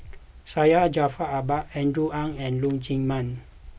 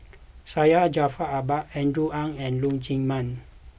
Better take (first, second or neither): second